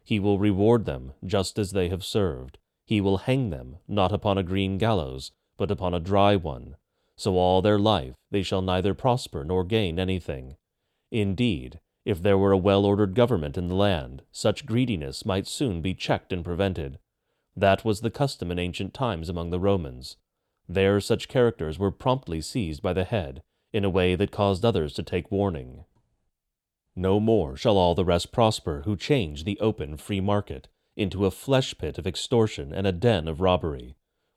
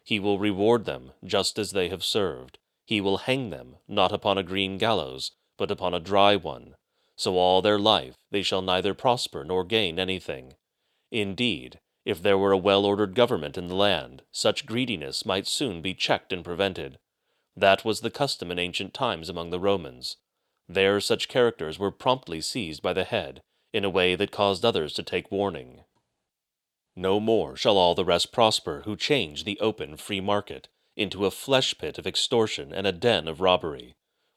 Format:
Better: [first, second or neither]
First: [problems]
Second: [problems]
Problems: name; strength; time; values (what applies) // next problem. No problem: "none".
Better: first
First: none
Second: thin; very slightly; fading below 450 Hz